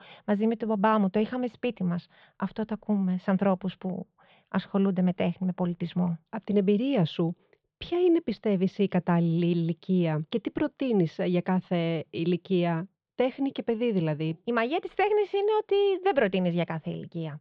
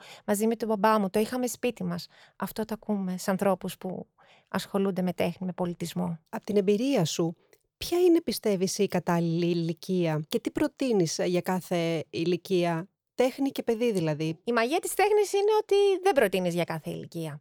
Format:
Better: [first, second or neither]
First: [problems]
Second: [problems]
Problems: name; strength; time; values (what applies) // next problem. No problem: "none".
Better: second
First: muffled; very; fading above 3.5 kHz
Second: none